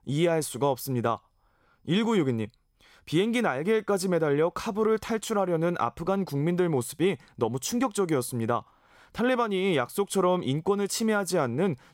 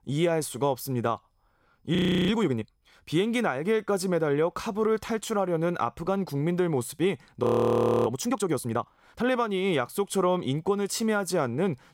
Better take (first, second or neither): first